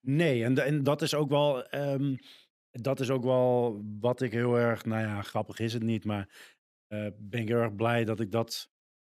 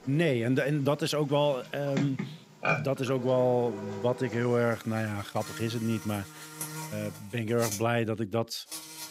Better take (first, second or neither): first